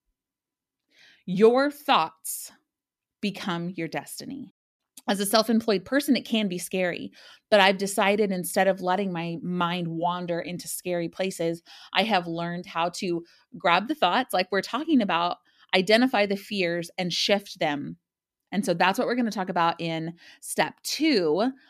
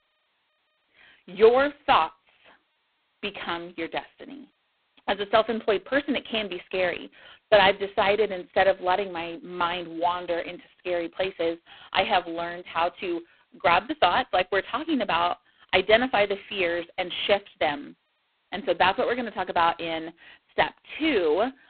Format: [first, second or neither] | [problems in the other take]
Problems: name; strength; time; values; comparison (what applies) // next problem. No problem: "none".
first | phone-call audio; poor line; nothing above 4 kHz